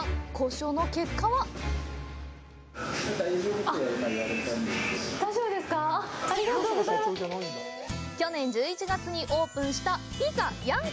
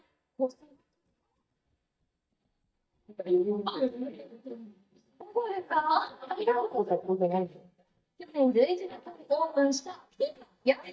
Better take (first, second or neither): first